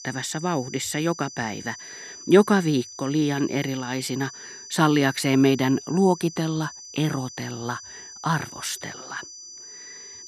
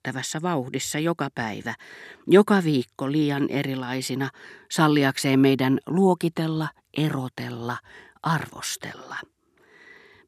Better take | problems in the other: second | high-pitched whine; noticeable; throughout; 6 kHz, 15 dB below the speech

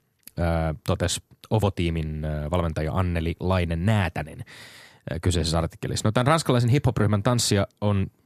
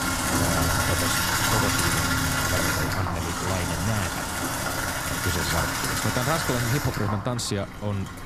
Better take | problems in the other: first | household noises; very loud; throughout; 5 dB above the speech

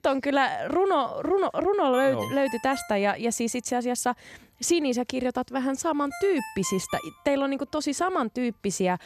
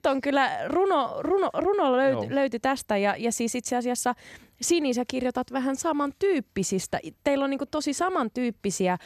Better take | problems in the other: second | phone ringing; faint; from 2 to 7 s; peak 10 dB below the speech

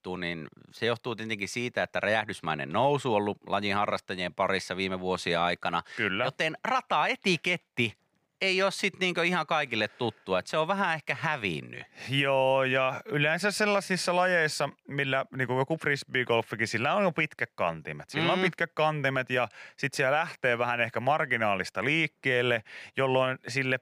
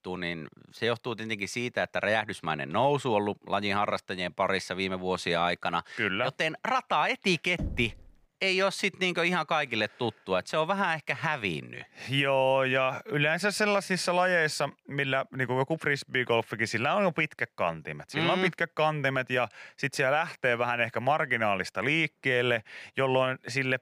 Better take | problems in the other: first | door banging; noticeable; at 7.5 s; peak 9 dB below the speech

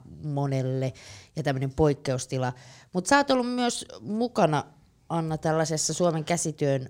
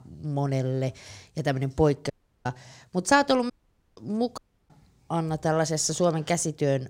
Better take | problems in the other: first | audio cutting out; at 2 s, at 3.5 s and at 4.5 s

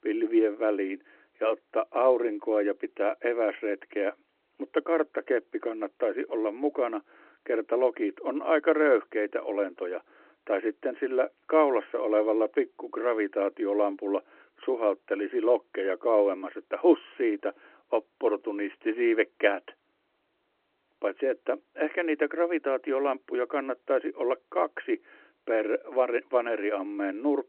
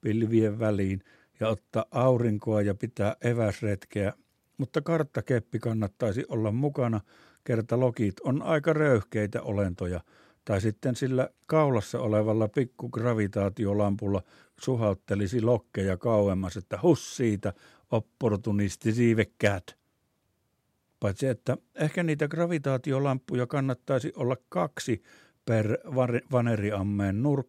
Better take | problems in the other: second | phone-call audio

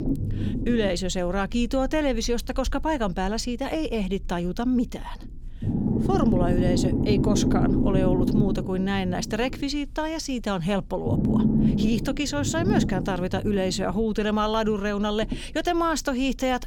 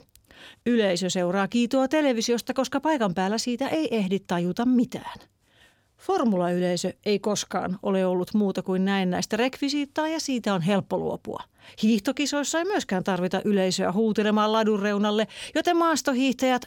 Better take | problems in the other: second | low rumble; loud; throughout; 4 dB below the speech

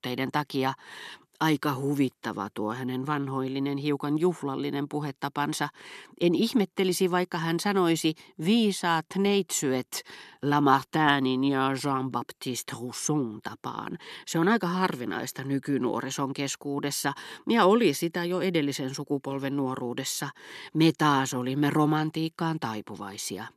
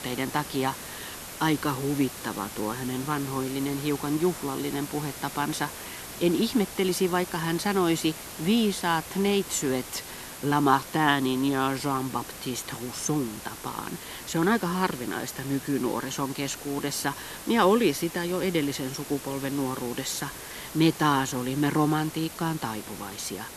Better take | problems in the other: first | hiss; noticeable; throughout; 10 dB below the speech

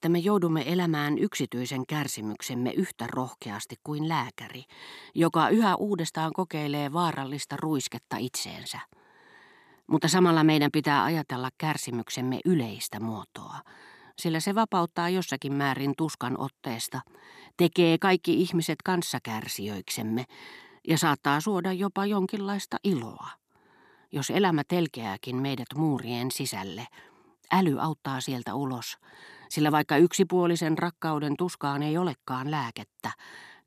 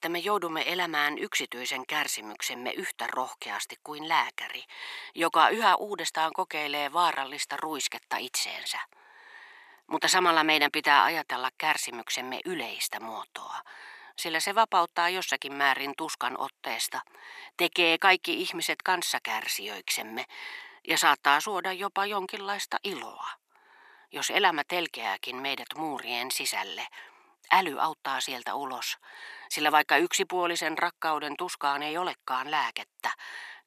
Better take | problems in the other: first | thin; very; fading below 700 Hz

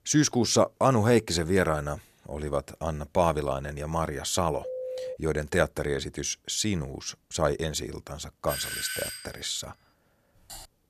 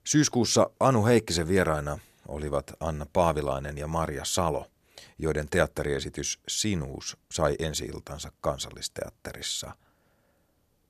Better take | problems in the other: second | phone ringing; noticeable; at 4.5 s; peak 7 dB below the speech // doorbell; noticeable; at 8.5 s; peak 3 dB below the speech // keyboard typing; faint; at 10 s; peak 15 dB below the speech

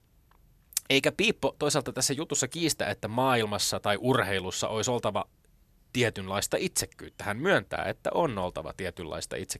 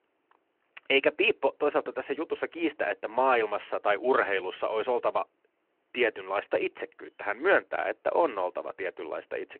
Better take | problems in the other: first | phone-call audio

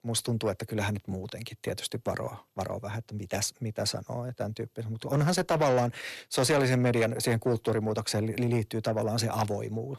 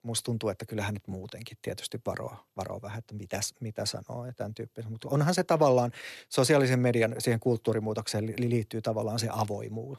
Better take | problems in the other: second | distortion; slight; 10 dB below the speech

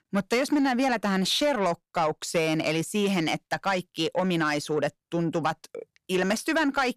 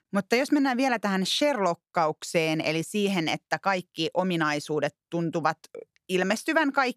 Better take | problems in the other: second | distortion; slight; 10 dB below the speech

